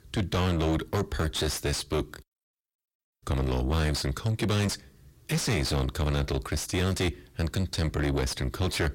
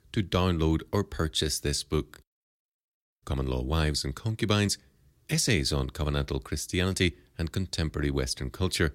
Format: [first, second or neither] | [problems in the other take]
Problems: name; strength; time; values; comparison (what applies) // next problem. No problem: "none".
second | distortion; heavy; 6 dB below the speech